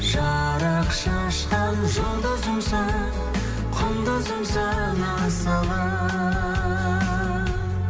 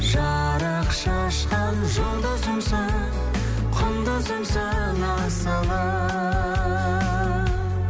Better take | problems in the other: second | room echo; dies away in 0.9 s

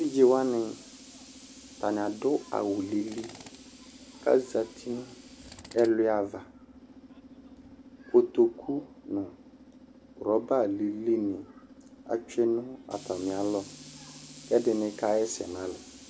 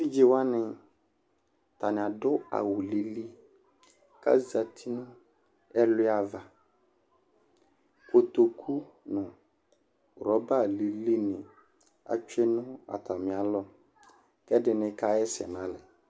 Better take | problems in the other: second | background sound (Tools); 19 dB below the speech

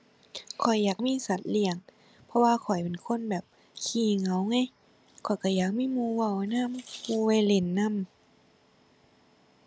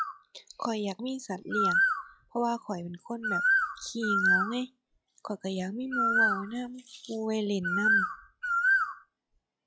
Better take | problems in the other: first | noise reduction (classical method log-MMSE)

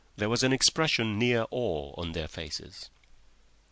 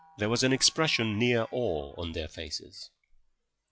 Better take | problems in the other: first | noise reduction (classical method log-MMSE)

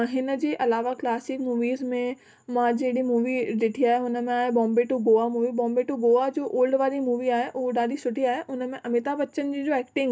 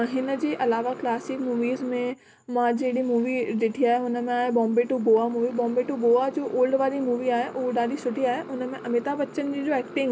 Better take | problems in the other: first | background sound (Motorcycle); 17 dB below the speech

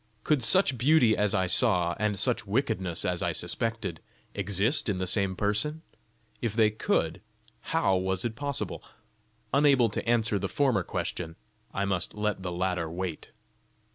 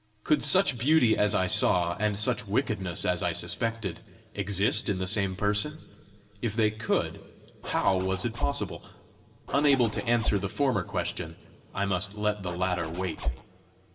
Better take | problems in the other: first | background sound (Zipper (clothing)); 4 dB below the speech // room echo; dies away in 3 s

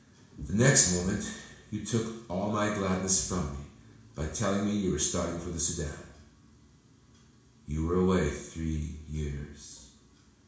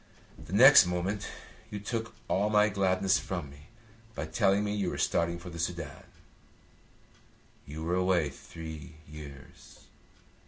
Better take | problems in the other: second | room echo; dies away in 0.7 s

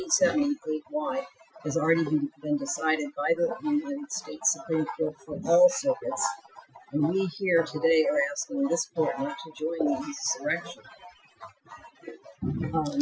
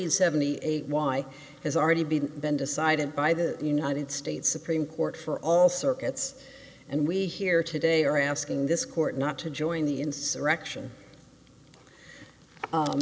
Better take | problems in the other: second | noise reduction (classical method Wiener filter)

